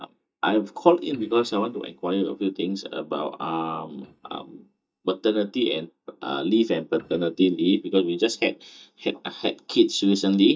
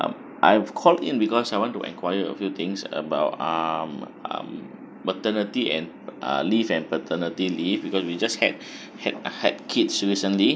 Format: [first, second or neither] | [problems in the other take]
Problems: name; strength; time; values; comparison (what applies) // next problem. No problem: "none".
second | noise reduction (neural mask model DeepFilterNet 3)